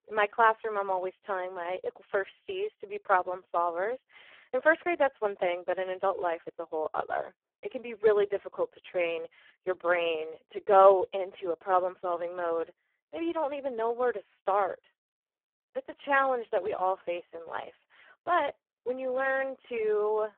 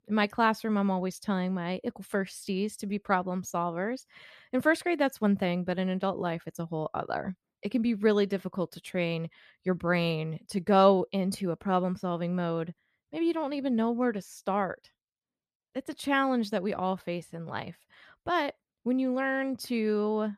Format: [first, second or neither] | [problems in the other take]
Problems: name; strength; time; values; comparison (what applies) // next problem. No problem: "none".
second | phone-call audio; poor line